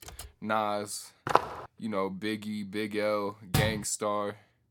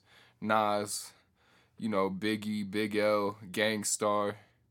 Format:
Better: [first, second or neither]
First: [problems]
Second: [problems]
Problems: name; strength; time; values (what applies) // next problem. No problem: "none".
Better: second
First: keyboard typing; faint; at the start; peak 15 dB below the speech // footsteps; loud; at 1.5 s; peak 4 dB above the speech // door banging; loud; at 3.5 s; peak 2 dB above the speech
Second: none